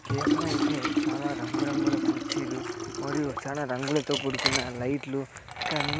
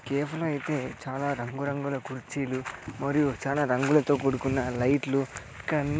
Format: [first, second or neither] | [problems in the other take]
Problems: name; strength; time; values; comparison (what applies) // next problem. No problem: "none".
second | background sound (Liquid); 3 dB above the speech